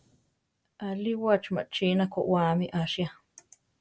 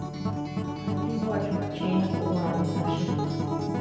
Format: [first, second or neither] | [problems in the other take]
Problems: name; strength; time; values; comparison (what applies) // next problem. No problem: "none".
first | background sound (Acoustic guitar); 3 dB above the speech // room echo; dies away in 1.1 s